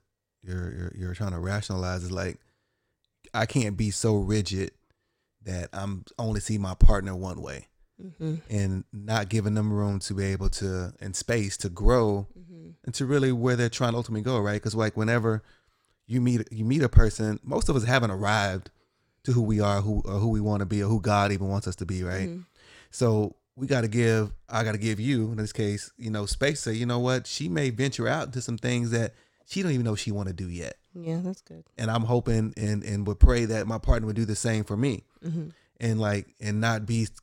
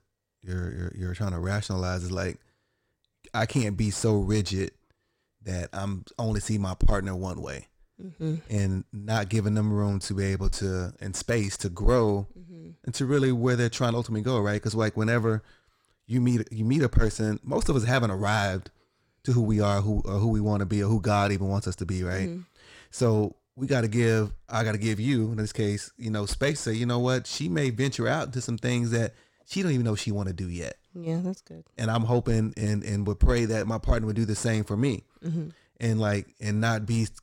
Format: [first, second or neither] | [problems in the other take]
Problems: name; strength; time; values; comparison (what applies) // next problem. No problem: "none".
first | distortion; slight; 10 dB below the speech